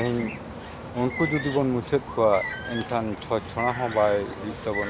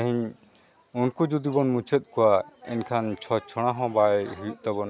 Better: second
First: background sound (Bird); 8 dB below the speech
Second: none

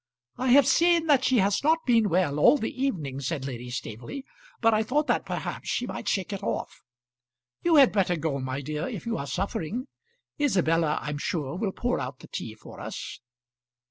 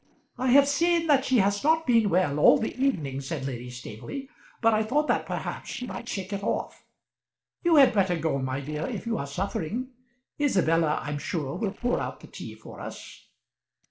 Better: first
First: none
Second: noise reduction (neural separator model SepFormer DNS4)

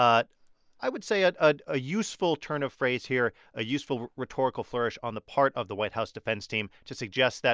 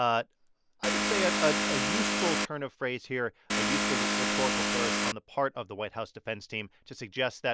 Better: first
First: none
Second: background sound (Vehicle); 5 dB above the speech

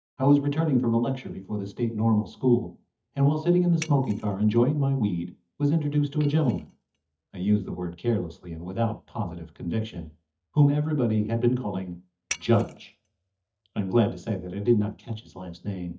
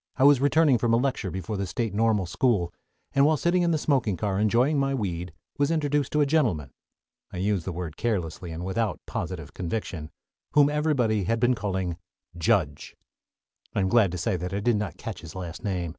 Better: second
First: noise reduction (neural mask model DeepFilterNet 3)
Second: none

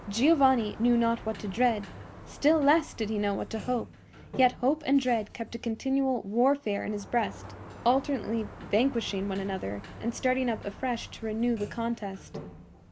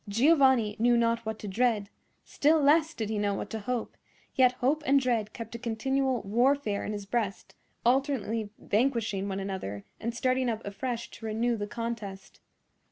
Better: second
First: background sound (Sliding door); 16 dB below the speech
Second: none

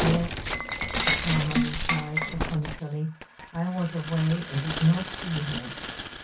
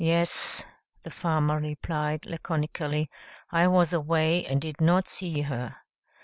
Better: second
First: background sound (Shatter); 2 dB below the speech // room echo; dies away in 0.3 s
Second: none

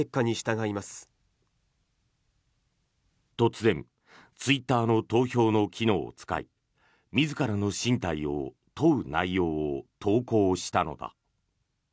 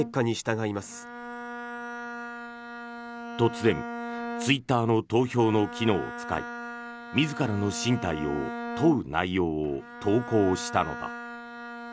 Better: first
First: none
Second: background sound (Bowed string instrument); 10 dB below the speech

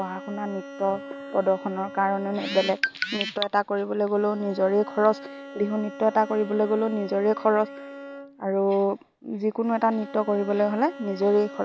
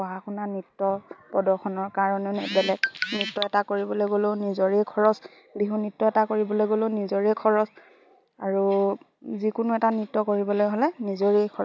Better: second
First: background sound (Bowed string instrument); 16 dB below the speech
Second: none

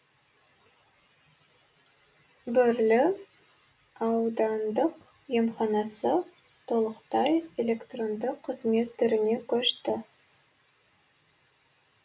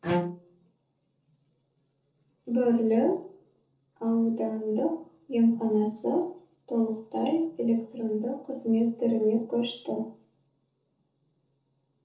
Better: first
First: none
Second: noise reduction (neural separator model SepFormer DNS4)

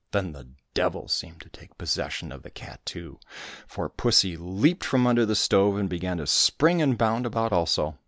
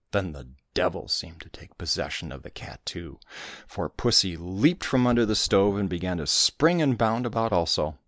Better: first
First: none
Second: noise reduction (neural mask model Resemble Enhance denoiser)

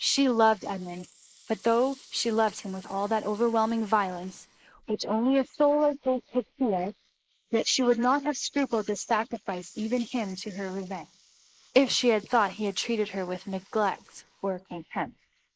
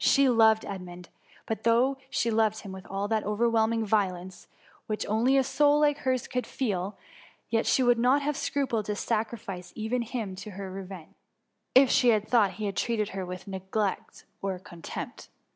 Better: second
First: noise reduction (neural mask model Resemble Enhance denoiser)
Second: none

